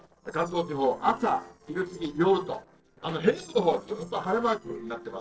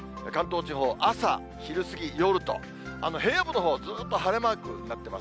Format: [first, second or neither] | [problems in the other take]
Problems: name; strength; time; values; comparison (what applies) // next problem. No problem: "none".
second | noise reduction (neural separator model SepFormer DNS4)